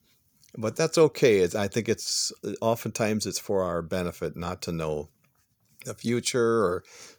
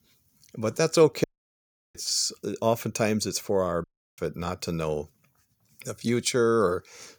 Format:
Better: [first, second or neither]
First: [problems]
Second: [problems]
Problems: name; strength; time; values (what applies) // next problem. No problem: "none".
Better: first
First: none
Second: audio cutting out; at 1 s for 0.5 s and at 4 s